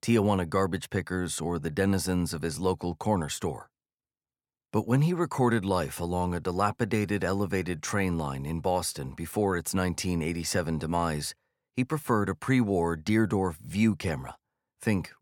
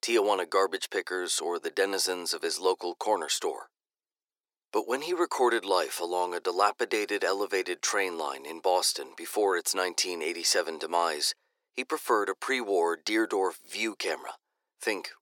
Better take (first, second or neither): first